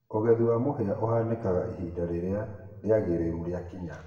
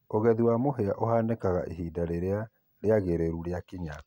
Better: second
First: room echo; dies away in 1.2 s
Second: none

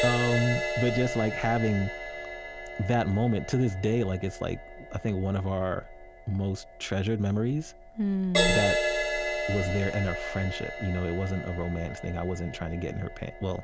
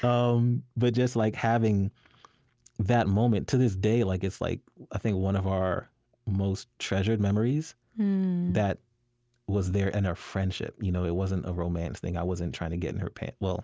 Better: second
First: background sound (Crash cymbal); 4 dB below the speech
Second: none

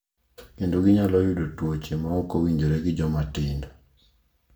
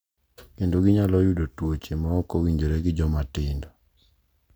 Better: second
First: room echo; dies away in 0.4 s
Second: none

